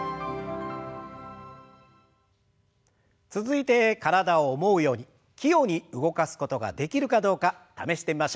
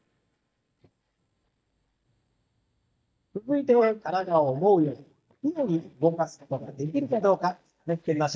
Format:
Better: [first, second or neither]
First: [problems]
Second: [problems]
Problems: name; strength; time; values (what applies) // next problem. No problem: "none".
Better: first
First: none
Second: noise reduction (neural mask model DeepFilterNet 3)